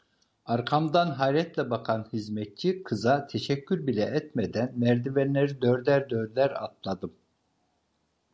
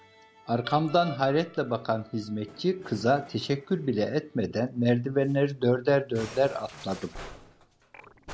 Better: first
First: none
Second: background sound (Musical instrument); 20 dB below the speech

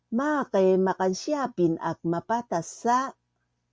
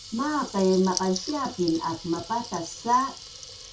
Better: first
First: none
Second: background sound (Water tap, faucet / Liquid); 13 dB below the speech // room echo; dies away in 0.2 s

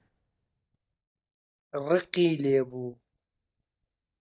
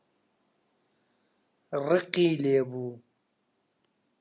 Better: second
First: noise reduction (neural mask model DeepFilterNet 3)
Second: none

